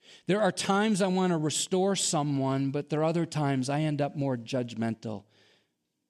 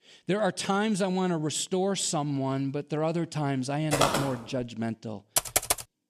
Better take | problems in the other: first | footsteps; loud; at 4 s; peak 3 dB above the speech // keyboard typing; loud; at 5.5 s; peak 4 dB above the speech

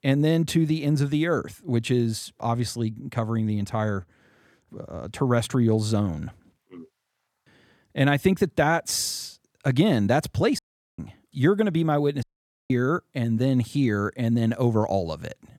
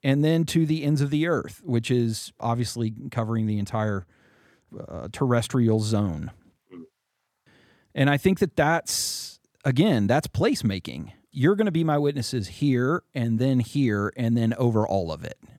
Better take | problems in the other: second | audio cutting out; at 11 s and at 12 s

